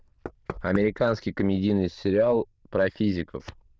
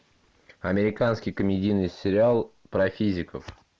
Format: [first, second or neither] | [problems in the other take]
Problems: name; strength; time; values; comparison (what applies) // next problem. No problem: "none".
second | noise reduction (neural diffusion model UNIVERSE++)